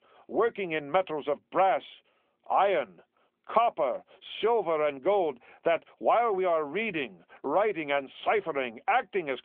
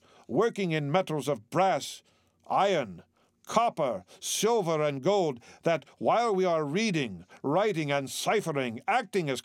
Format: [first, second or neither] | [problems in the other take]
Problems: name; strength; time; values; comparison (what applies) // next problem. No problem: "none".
second | phone-call audio; nothing above 3.5 kHz